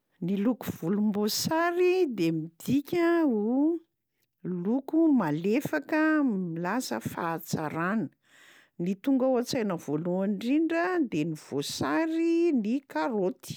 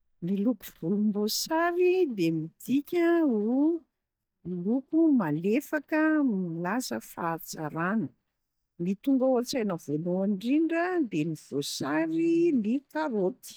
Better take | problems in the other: first | noise reduction (neural mask model DeepFilterNet 3)

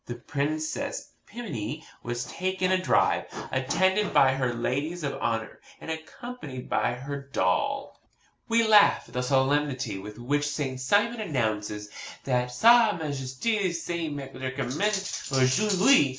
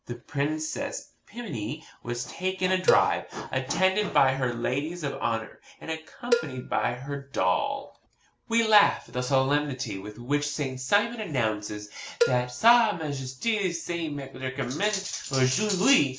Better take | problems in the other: first | background sound (Cowbell); 7 dB below the speech

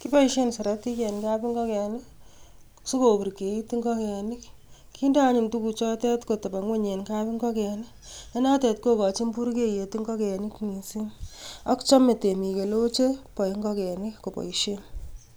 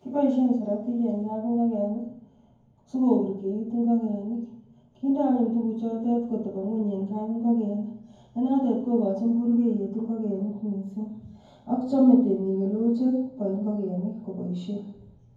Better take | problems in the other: first | room echo; dies away in 0.9 s

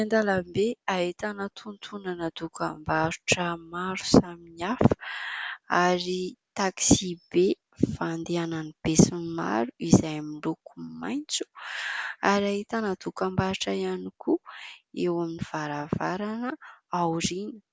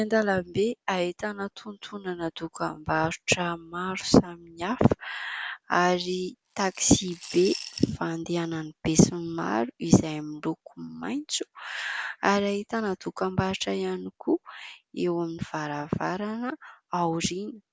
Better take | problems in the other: first | background sound (Coin (dropping) / Glass); 14 dB below the speech

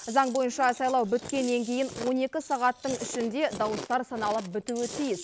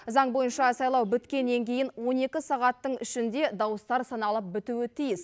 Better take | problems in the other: second | background sound (Chewing, mastication); 14 dB below the speech

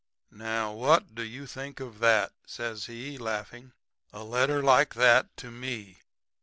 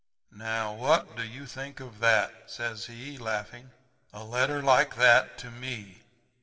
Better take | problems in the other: first | room echo; dies away in 1 s

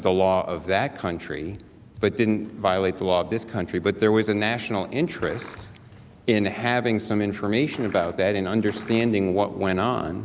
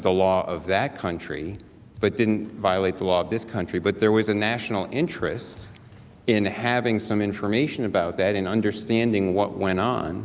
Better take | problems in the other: second | background sound (Liquid); 18 dB below the speech

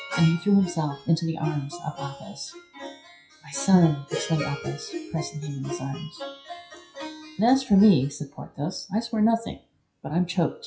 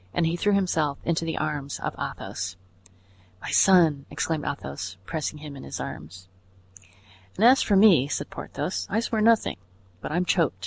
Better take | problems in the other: second | noise reduction (classical method WPE with log-MMSE)

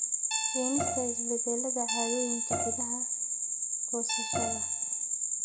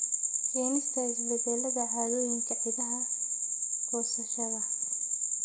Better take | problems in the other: second | background sound (Bowed string instrument + Guitar); 8 dB below the speech

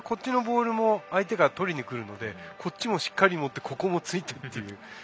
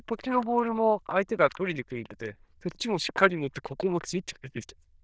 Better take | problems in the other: first | noise reduction (neural diffusion model UNIVERSE++)

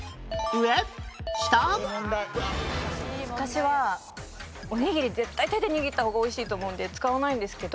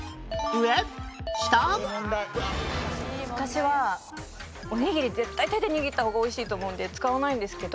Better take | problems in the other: first | background sound (Wind instrument, woodwind instrument); 17 dB below the speech

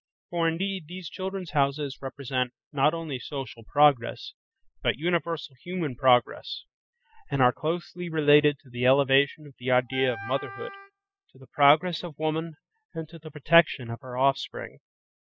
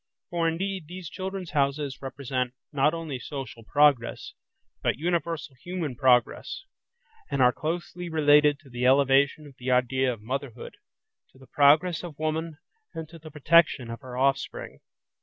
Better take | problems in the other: second | noise reduction (classical method spectral subtraction)

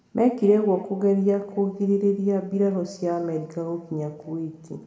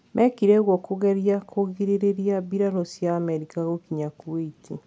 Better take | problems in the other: second | room echo; dies away in 1.4 s

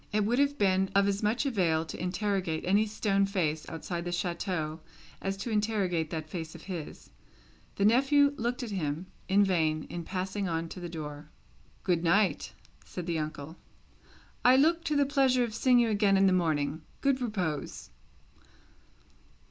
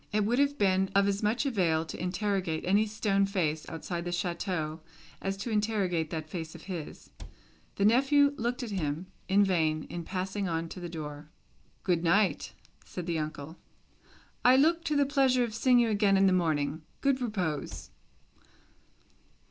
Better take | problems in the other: first | noise reduction (neural separator model SepFormer DNS4)

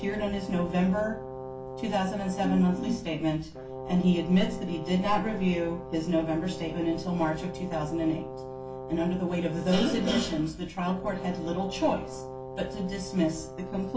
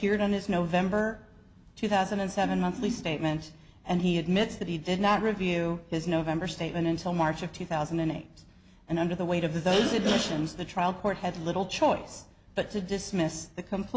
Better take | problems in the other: second | background sound (Brass instrument); 11 dB below the speech // room echo; dies away in 0.2 s

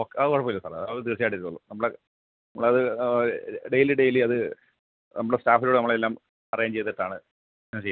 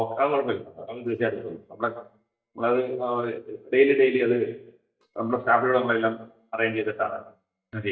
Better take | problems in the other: first | noise reduction (neural mask model DeepFilterNet 3)

